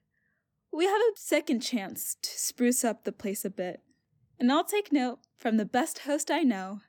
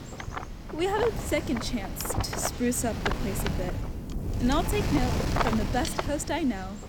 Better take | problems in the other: first | wind noise on the microphone; heavy; 3 dB below the speech

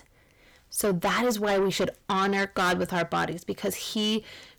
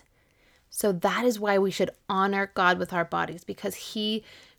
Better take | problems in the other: second | distortion; heavy; 7 dB below the speech

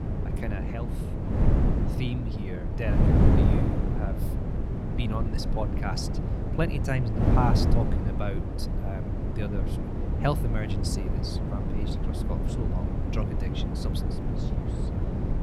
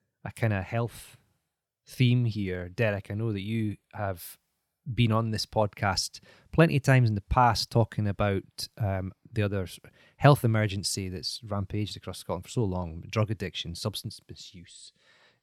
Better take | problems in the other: second | wind noise on the microphone; heavy; as loud as the speech

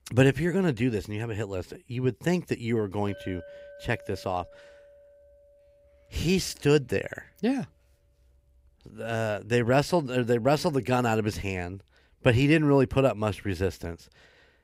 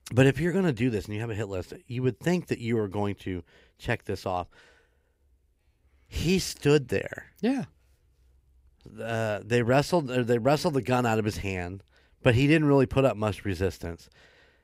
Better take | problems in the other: second | clattering dishes; faint; from 3 to 6.5 s; peak 20 dB below the speech

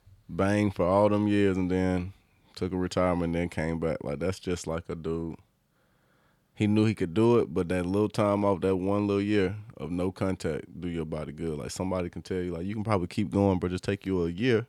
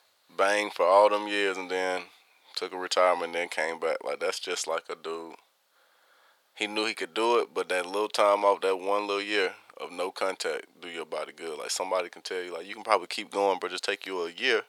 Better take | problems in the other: first | thin; very; fading below 600 Hz

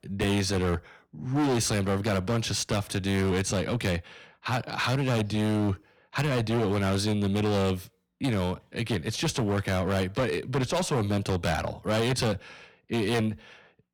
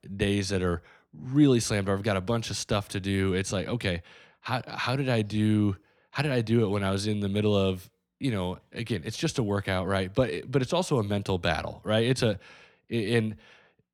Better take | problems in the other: second | distortion; heavy; 17% of the sound clipped

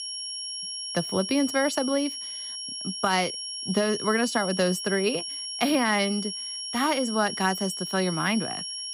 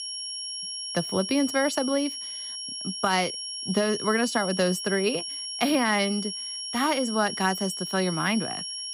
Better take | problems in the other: neither | high-pitched whine; loud; throughout; 5.5 kHz, 5 dB below the speech; the same in both

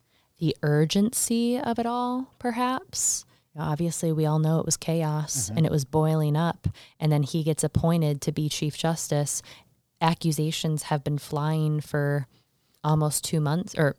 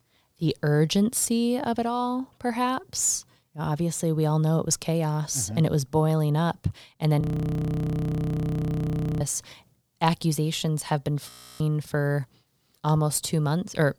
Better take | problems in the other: first | audio freezing; at 7 s for 2 s and at 11 s

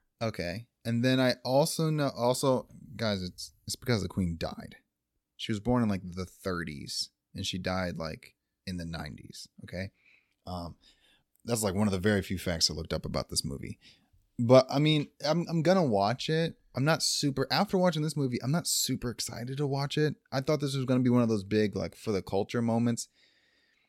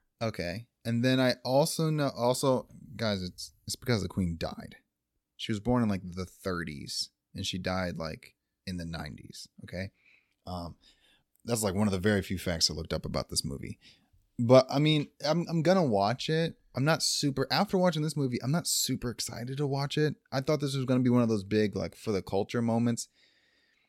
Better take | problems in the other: neither | none

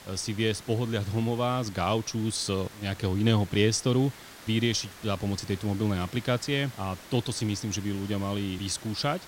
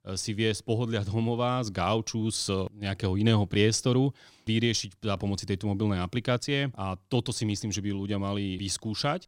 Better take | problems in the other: second | hiss; noticeable; throughout; 15 dB below the speech

